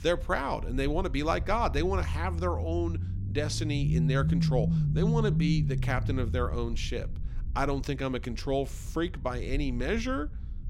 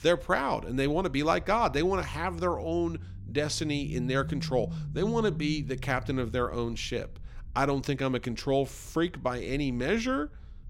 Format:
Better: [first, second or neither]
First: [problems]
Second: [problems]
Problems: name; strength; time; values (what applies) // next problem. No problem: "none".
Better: second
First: low rumble; loud; throughout; 9 dB below the speech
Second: low rumble; faint; throughout; 20 dB below the speech